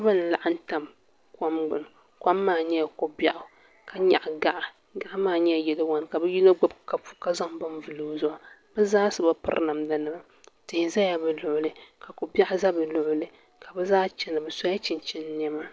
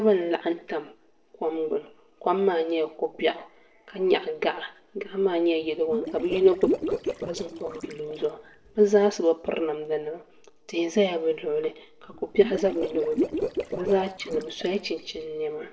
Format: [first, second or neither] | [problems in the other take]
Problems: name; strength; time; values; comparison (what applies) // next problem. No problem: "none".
first | noise reduction (neural separator model SepFormer DNS4)